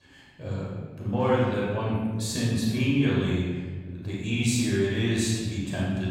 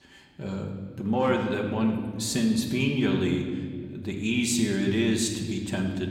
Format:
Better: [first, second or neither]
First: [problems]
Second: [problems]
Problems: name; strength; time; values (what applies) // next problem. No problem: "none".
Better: second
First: room echo; strong; dies away in 1.3 s // off-mic speech; far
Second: room echo; slight; dies away in 1.6 s // off-mic speech; somewhat distant